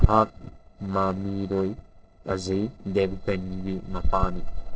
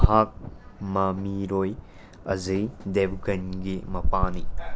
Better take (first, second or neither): second